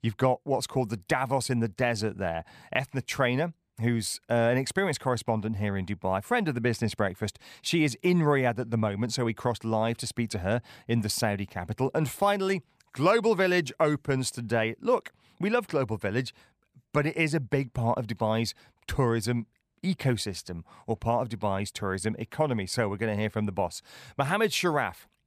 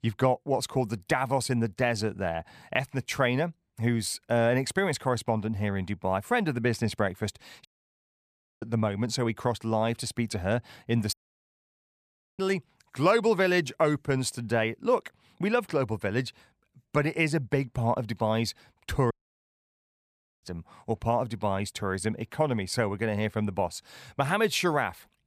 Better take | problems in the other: first | audio cutting out; at 7.5 s for 1 s, at 11 s for 1.5 s and at 19 s for 1.5 s

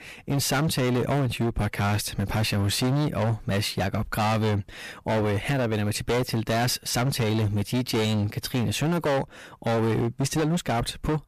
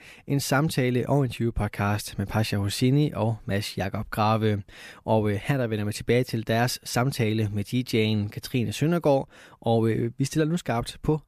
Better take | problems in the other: second | distortion; heavy; 26% of the sound clipped

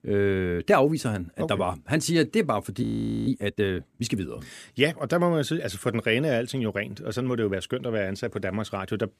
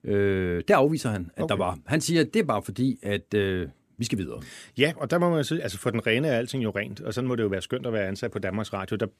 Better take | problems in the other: second | audio freezing; at 3 s

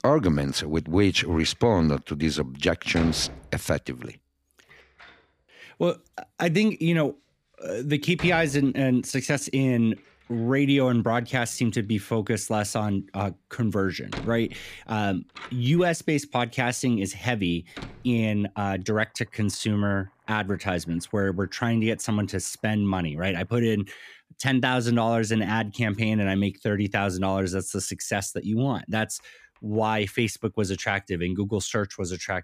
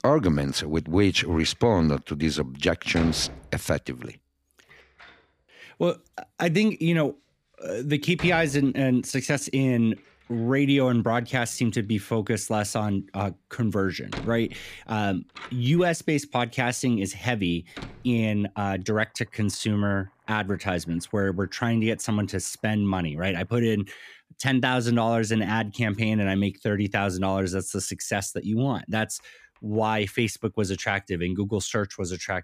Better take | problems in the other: neither | household noises; noticeable; throughout; 15 dB below the speech; the same in both

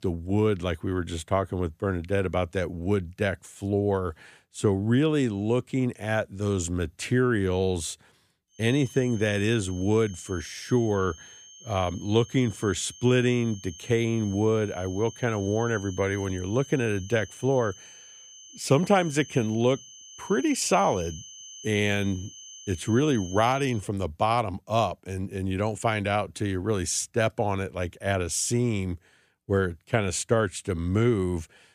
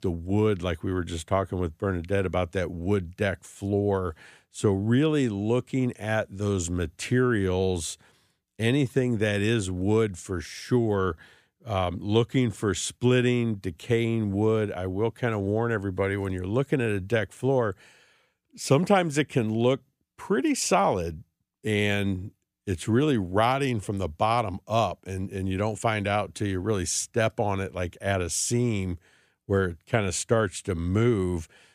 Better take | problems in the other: second | high-pitched whine; noticeable; from 8.5 to 24 s; 6.5 kHz, 15 dB below the speech

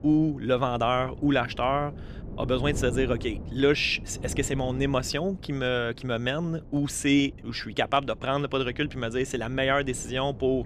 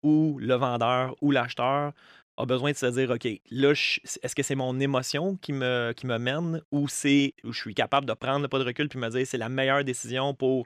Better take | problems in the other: second | wind noise on the microphone; occasional gusts; 20 dB below the speech

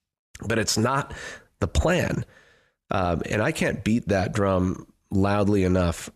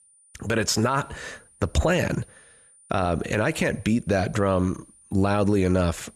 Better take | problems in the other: first | high-pitched whine; faint; throughout; 9.5 kHz, 30 dB below the speech

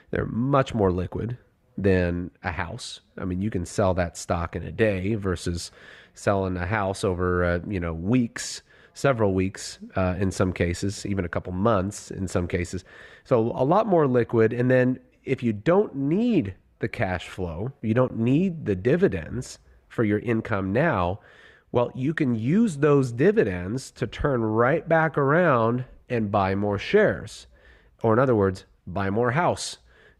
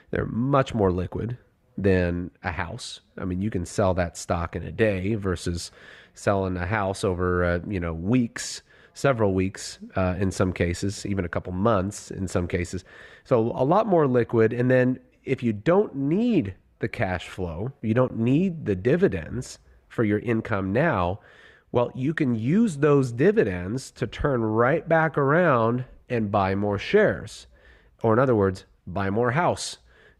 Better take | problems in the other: neither | muffled; slightly; fading above 3.5 kHz; the same in both

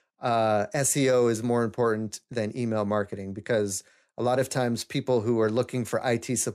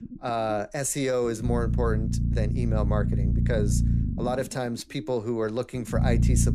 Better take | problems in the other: first | low rumble; loud; throughout; 9 dB below the speech

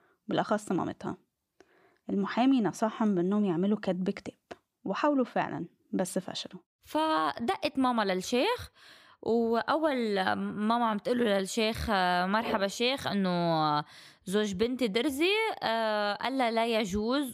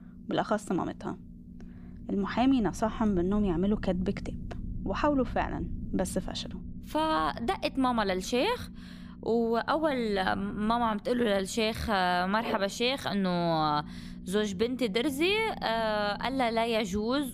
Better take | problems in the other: first | low rumble; faint; throughout; 25 dB below the speech

